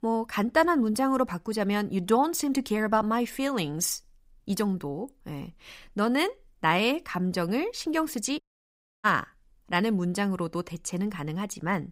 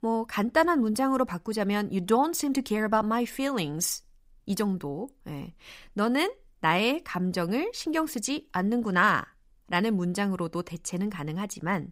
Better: second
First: audio cutting out; at 8.5 s for 0.5 s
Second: none

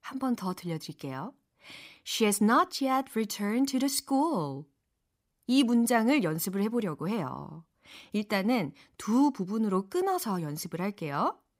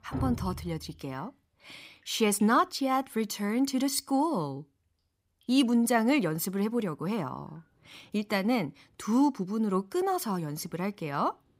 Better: first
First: none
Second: rain or running water; noticeable; throughout; 10 dB below the speech

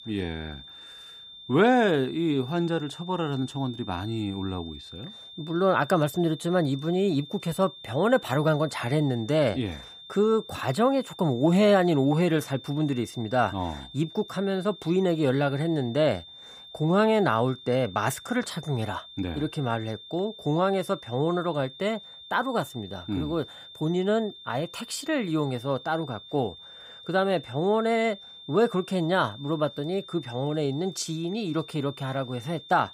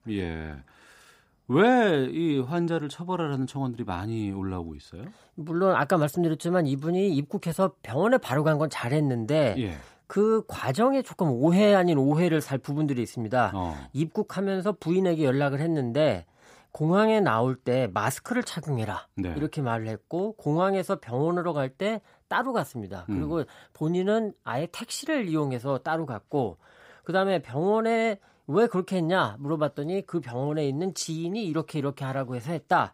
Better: second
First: high-pitched whine; noticeable; throughout; 3.5 kHz, 15 dB below the speech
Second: none

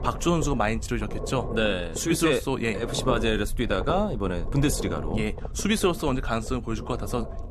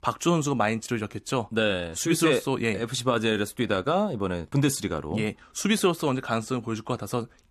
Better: second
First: low rumble; noticeable; throughout; 10 dB below the speech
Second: none

